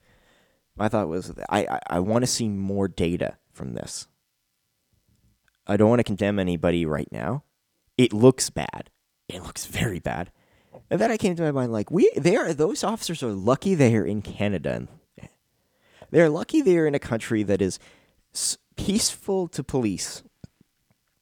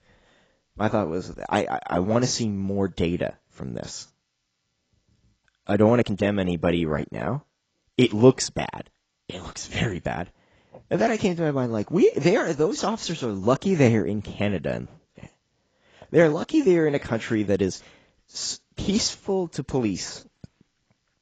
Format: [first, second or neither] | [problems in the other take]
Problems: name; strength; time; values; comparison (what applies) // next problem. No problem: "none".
first | garbled, watery; badly; nothing above 7.5 kHz